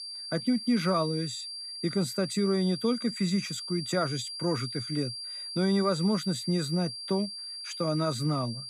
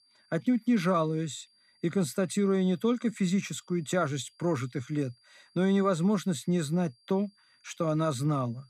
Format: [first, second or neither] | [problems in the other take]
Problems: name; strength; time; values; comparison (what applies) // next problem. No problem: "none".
second | high-pitched whine; loud; throughout; 4.5 kHz, 7 dB below the speech; faint in the second